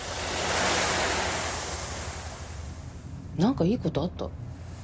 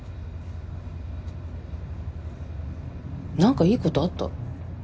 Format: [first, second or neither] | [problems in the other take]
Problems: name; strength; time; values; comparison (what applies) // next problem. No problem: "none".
second | background sound (Waves, surf); as loud as the speech